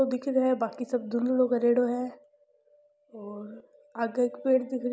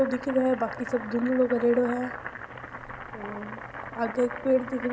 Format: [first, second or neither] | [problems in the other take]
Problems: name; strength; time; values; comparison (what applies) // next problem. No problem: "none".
first | background sound (Boiling); 11 dB below the speech